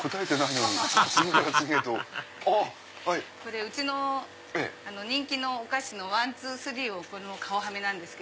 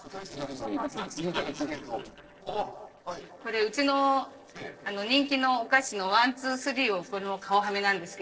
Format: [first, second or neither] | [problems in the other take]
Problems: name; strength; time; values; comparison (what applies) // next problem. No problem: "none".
first | noise reduction (neural separator model SepFormer DNS4)